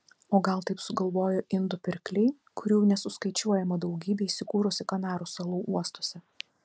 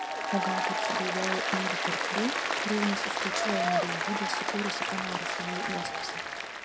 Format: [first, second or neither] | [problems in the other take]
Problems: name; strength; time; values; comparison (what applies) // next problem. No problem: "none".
first | background sound (Applause); 5 dB above the speech